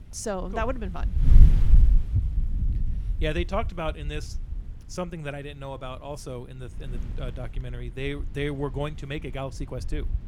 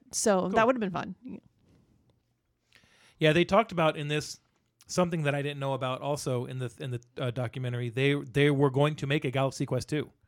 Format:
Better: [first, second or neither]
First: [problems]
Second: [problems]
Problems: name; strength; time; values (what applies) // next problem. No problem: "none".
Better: second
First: wind noise on the microphone; occasional gusts; 10 dB below the speech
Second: none